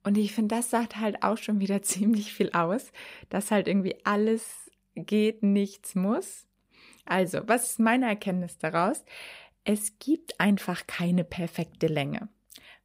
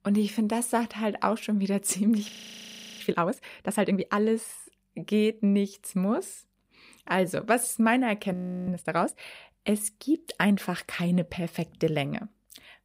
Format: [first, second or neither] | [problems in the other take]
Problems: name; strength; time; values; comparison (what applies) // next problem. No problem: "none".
first | audio freezing; at 2.5 s for 0.5 s and at 8.5 s